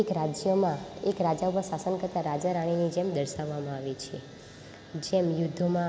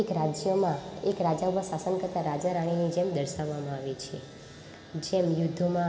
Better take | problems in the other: first | room echo; dies away in 1.7 s

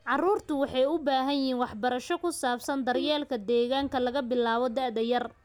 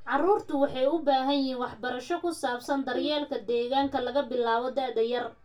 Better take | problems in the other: first | room echo; dies away in 0.2 s

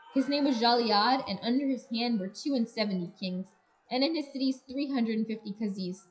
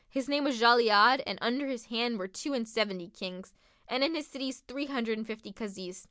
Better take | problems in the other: second | noise reduction (classical method WPE with log-MMSE)

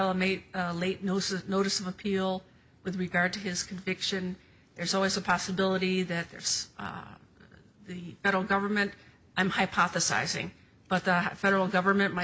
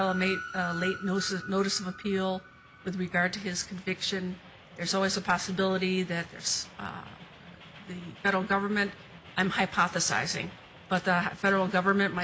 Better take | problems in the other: first | background sound (Train); 16 dB below the speech

